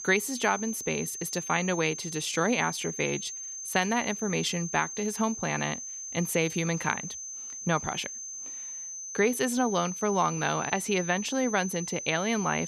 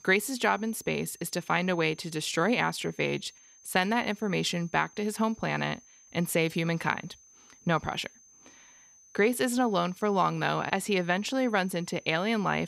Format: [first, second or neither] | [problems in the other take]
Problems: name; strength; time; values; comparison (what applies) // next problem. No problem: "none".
second | high-pitched whine; loud; throughout; 6.5 kHz, 7 dB below the speech; faint in the second